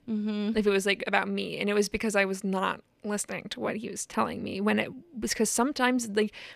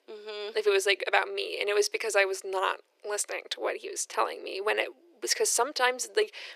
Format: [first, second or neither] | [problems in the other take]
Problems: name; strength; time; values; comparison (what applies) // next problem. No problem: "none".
first | thin; very; fading below 350 Hz